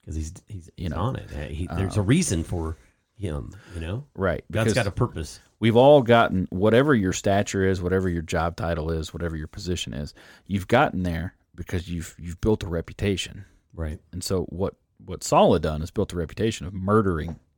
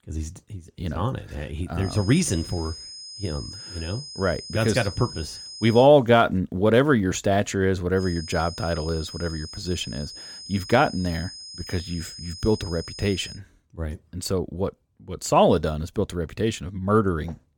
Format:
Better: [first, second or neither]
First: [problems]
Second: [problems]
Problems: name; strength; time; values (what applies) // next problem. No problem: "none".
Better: first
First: none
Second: high-pitched whine; noticeable; from 2 to 6 s and from 8 to 13 s; 5 kHz, 15 dB below the speech